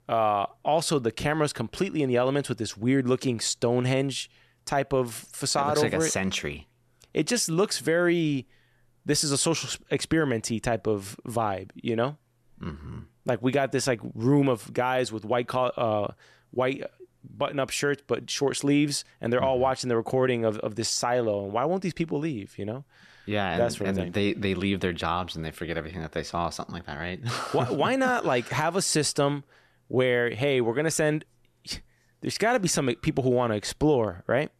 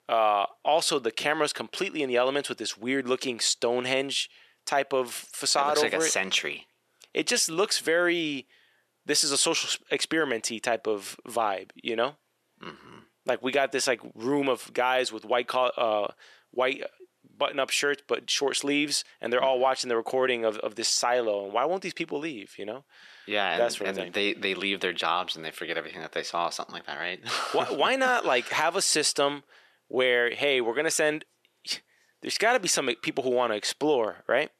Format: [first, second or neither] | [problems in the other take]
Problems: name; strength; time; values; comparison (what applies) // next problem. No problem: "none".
first | thin; somewhat; fading below 400 Hz